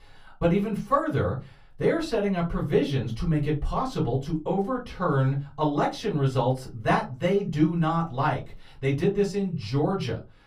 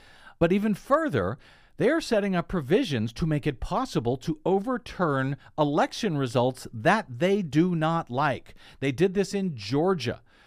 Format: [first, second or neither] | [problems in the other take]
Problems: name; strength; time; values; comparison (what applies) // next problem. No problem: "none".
second | off-mic speech; far // room echo; very slight; dies away in 0.2 s